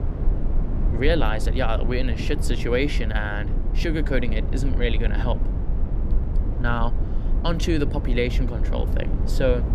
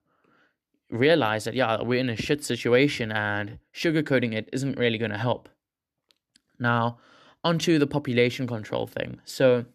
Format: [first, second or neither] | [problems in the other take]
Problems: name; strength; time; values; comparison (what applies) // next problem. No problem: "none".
second | low rumble; noticeable; throughout; 10 dB below the speech